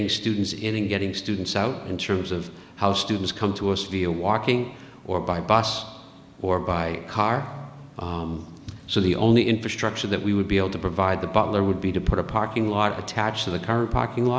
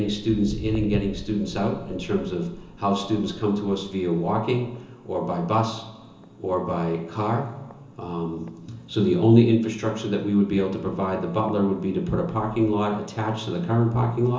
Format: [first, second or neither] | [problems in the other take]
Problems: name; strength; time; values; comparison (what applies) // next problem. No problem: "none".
first | background sound (Walk, footsteps); 18 dB below the speech // room echo; dies away in 0.8 s